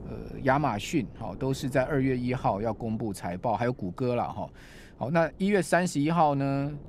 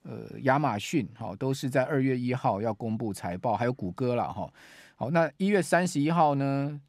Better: second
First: wind noise on the microphone; occasional gusts; 25 dB below the speech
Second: none

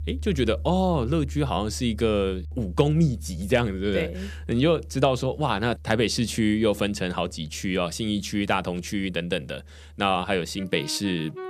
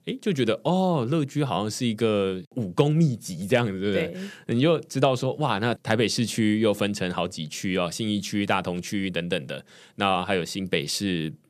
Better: second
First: background music; noticeable; throughout; 15 dB below the speech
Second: none

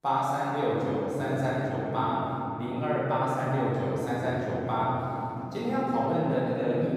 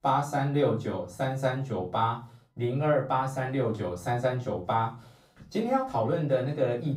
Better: second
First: room echo; strong; dies away in 3 s // off-mic speech; far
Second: room echo; slight; dies away in 0.3 s // off-mic speech; far

